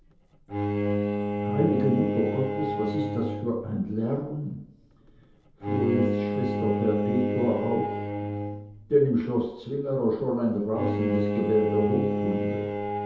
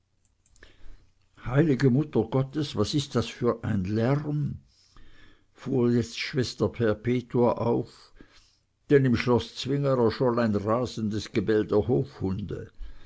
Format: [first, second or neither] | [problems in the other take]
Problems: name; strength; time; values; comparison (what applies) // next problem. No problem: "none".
second | background sound (Bowed string instrument); 2 dB below the speech // room echo; dies away in 0.8 s